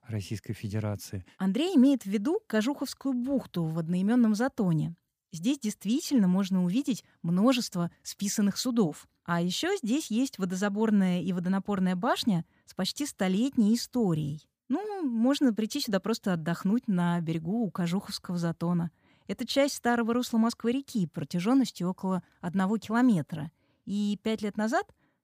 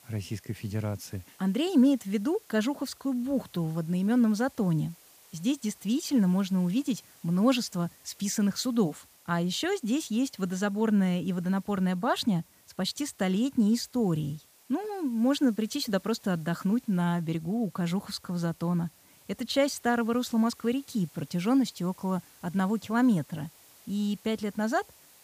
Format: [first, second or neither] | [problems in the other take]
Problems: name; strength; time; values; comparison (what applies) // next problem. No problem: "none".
first | hiss; faint; throughout; 25 dB below the speech